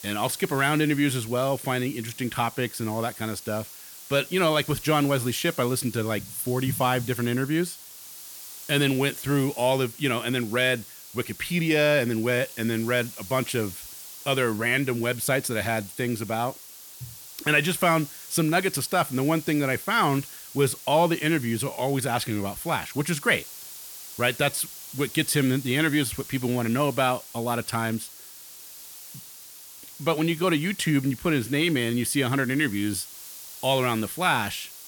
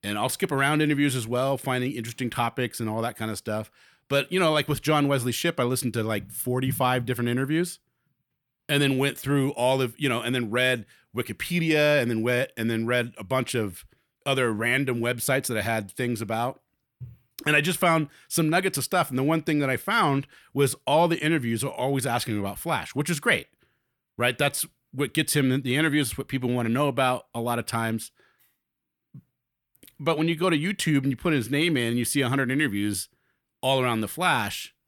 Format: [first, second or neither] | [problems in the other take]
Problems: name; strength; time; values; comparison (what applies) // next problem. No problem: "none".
second | hiss; noticeable; throughout; 15 dB below the speech